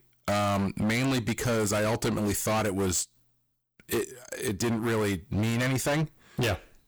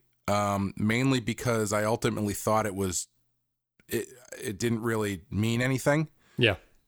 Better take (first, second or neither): second